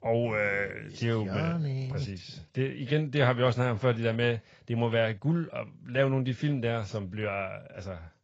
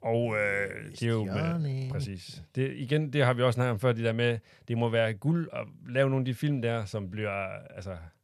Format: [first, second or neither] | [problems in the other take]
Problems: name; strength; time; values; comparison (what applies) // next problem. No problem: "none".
second | garbled, watery; badly; nothing above 7.5 kHz